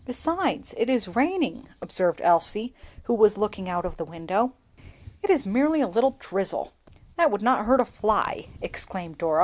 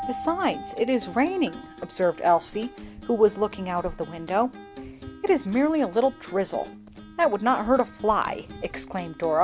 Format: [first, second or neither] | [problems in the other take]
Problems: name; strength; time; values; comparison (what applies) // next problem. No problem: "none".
first | background sound (Keyboard (musical) + Acoustic guitar); 16 dB below the speech